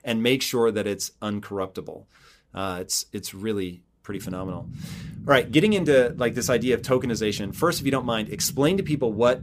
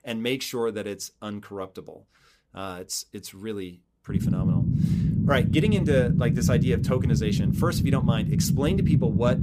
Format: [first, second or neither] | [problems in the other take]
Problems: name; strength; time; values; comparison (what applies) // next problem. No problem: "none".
first | low rumble; loud; from 4 s on; 3 dB below the speech; faint in the first